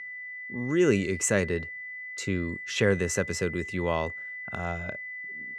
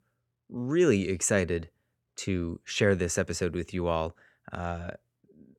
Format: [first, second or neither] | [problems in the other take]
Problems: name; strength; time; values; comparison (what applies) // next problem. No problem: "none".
second | high-pitched whine; loud; throughout; 2 kHz, 8 dB below the speech